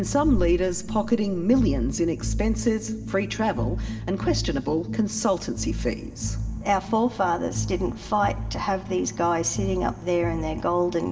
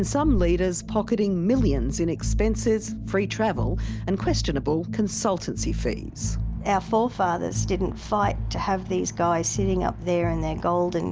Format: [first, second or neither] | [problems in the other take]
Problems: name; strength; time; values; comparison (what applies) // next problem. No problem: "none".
second | room echo; dies away in 2.4 s